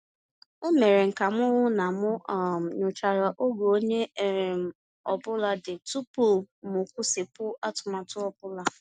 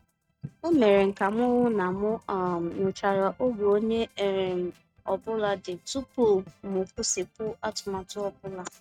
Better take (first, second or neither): first